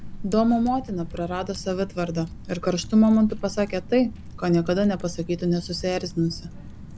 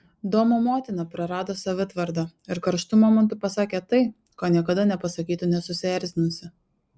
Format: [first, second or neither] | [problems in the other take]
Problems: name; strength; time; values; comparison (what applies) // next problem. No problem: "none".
second | background sound (Typing); 13 dB below the speech